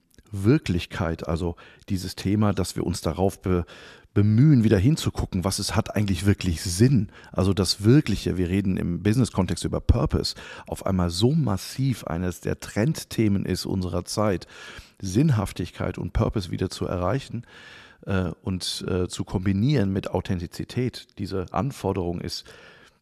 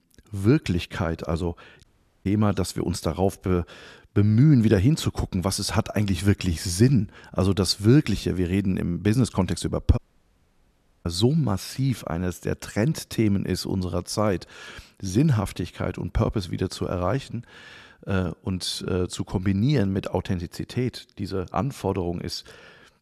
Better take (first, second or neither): first